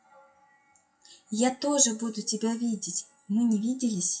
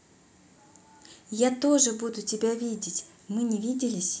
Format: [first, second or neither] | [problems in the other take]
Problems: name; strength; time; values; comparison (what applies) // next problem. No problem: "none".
second | noise reduction (classical method WPE with log-MMSE)